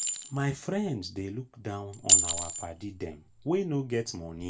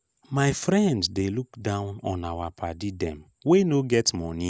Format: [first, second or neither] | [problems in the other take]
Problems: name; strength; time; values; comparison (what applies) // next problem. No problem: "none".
second | background sound (Chink, clink); 2 dB above the speech // room echo; dies away in 0.2 s